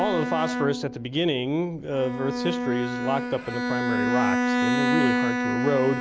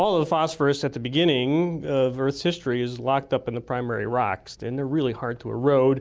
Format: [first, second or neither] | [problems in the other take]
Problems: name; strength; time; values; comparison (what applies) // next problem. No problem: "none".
second | background sound (Bowed string instrument); 1 dB above the speech